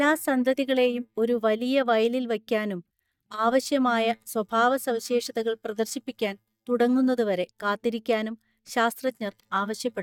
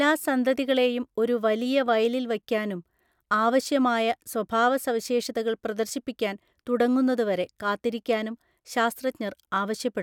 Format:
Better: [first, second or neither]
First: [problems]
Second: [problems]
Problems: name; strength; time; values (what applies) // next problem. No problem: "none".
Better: second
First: noise reduction (neural mask model DeepFilterNet 3)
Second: none